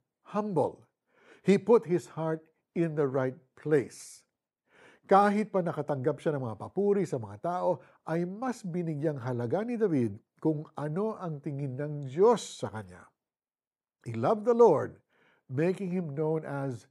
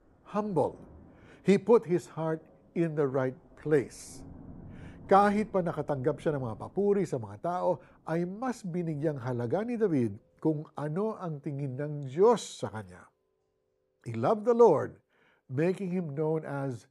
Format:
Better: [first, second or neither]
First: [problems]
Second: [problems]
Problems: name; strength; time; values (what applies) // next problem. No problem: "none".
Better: first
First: none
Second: rain or running water; faint; throughout; 25 dB below the speech